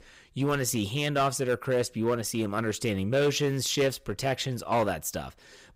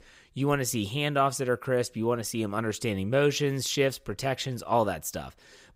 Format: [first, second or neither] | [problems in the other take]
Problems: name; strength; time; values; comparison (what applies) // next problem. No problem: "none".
second | distortion; slight; 5% of the sound clipped